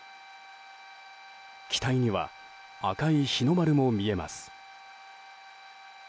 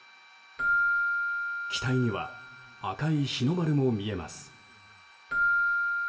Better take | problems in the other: first | background sound (Keyboard (musical)); 1 dB above the speech // room echo; dies away in 0.8 s

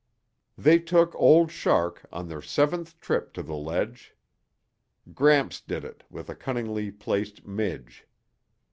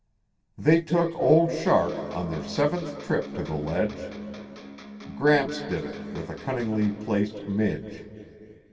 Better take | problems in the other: first | background sound (Electric guitar); 14 dB below the speech // room echo; dies away in 2.8 s

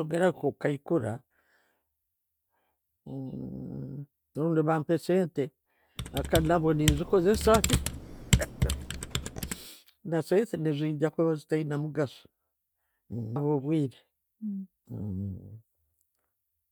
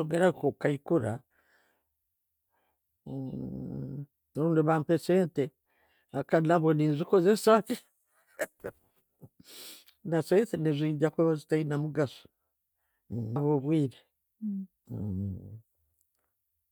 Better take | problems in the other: second | background sound (Computer keyboard); as loud as the speech

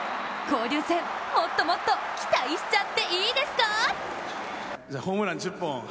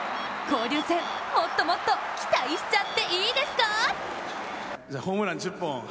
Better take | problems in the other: first | background sound (Bird); 17 dB below the speech

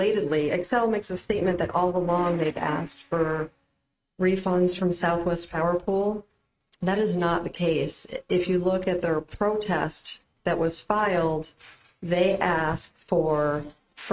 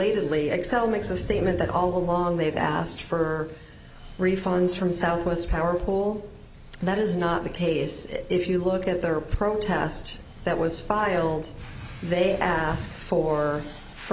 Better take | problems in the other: second | noise reduction (neural mask model RNNoise)

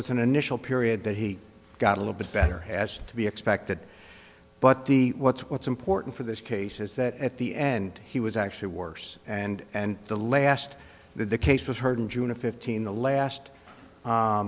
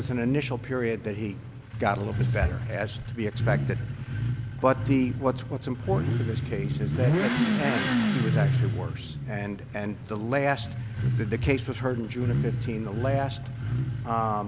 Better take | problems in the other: first | background sound (Motorcycle / Accelerating, revving, vroom); 1 dB above the speech

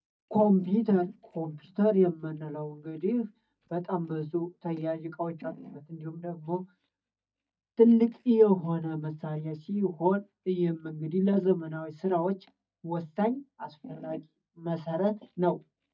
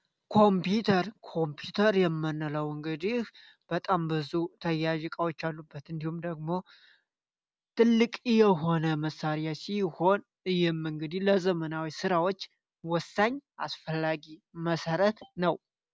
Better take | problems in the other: second | noise reduction (neural mask model DeepFilterNet 3)

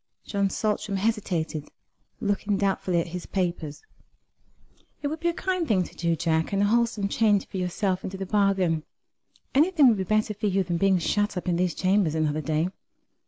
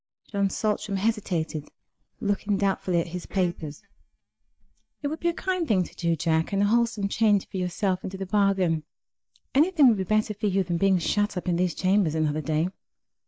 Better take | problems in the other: first | noise reduction (neural mask model DeepFilterNet 3)

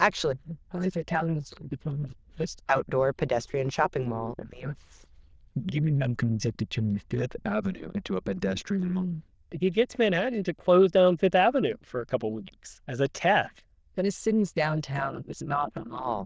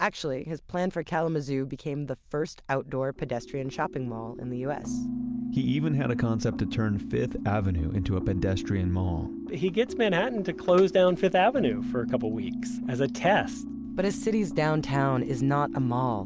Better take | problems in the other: second | noise reduction (neural diffusion model UNIVERSE++)

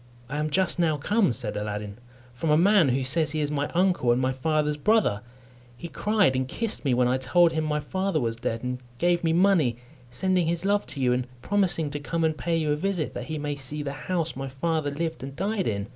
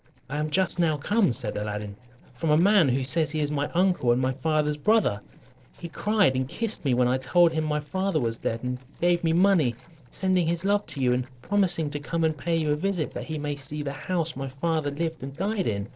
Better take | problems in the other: first | noise reduction (neural separator model SepFormer DNS4)

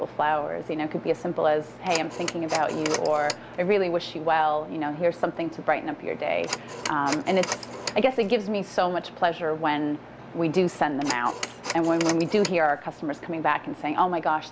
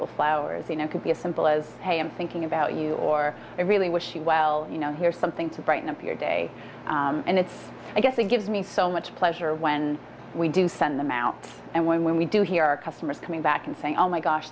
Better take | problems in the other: second | background sound (Telephone); 13 dB below the speech

